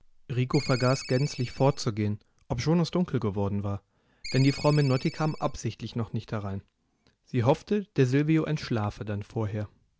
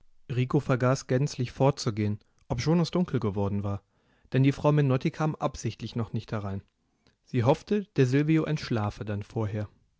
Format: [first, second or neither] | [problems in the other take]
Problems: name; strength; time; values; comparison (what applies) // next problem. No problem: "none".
second | background sound (Ringtone); 11 dB below the speech